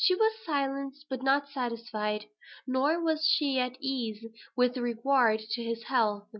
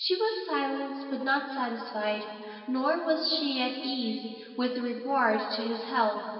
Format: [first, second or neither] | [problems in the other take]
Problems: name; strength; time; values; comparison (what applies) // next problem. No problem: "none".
first | room echo; dies away in 2.4 s